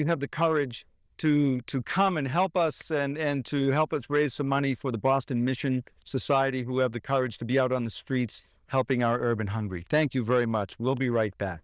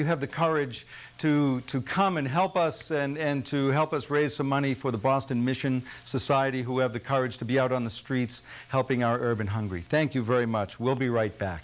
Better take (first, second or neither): second